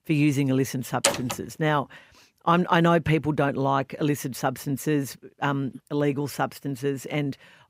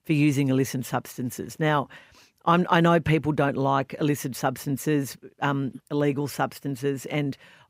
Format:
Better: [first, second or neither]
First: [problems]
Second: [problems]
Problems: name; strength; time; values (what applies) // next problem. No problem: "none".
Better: second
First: door banging; loud; at 1 s; peak 1 dB above the speech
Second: none